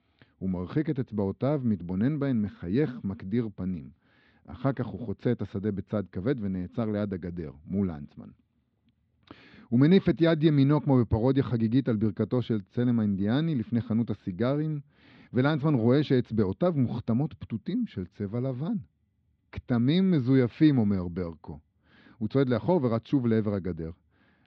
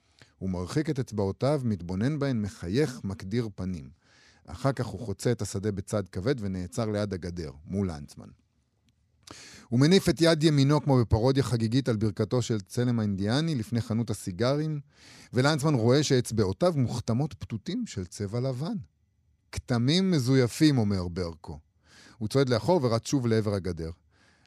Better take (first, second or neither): second